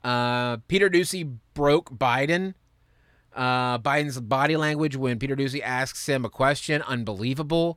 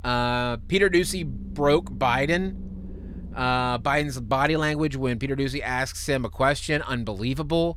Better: first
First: none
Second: low rumble; faint; throughout; 25 dB below the speech

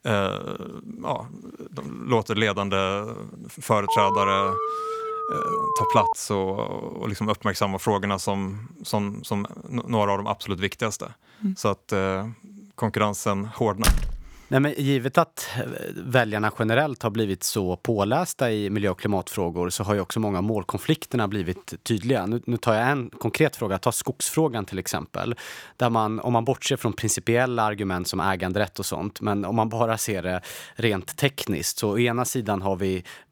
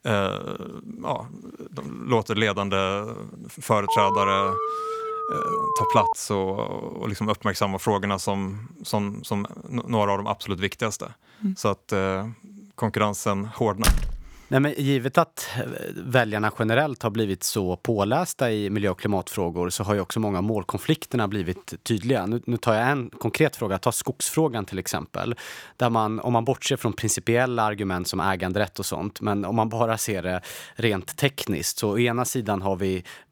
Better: neither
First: alarm; loud; from 4 to 6 s; peak 3 dB above the speech // door banging; loud; at 14 s; peak 1 dB above the speech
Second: alarm; loud; from 4 to 6 s; peak 3 dB above the speech // door banging; loud; at 14 s; peak 1 dB above the speech

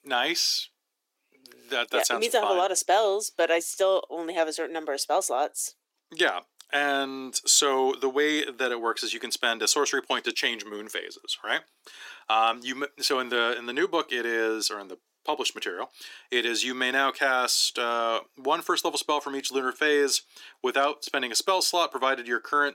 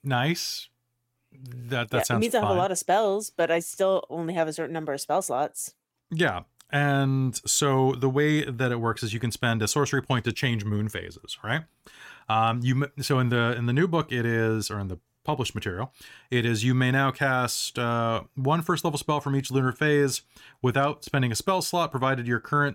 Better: second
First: thin; somewhat; fading below 300 Hz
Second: none

